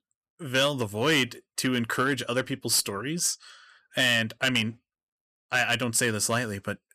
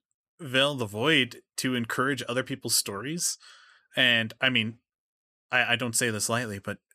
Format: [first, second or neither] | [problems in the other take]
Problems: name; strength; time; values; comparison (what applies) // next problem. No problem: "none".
second | distortion; slight; 3% of the sound clipped